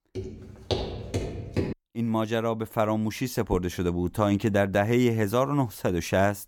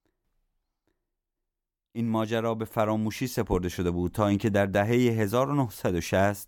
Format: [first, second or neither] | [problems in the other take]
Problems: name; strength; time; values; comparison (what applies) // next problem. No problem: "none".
second | footsteps; noticeable; until 1.5 s; peak 5 dB below the speech